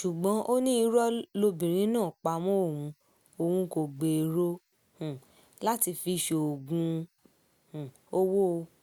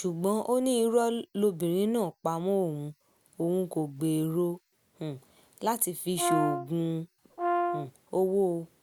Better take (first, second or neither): first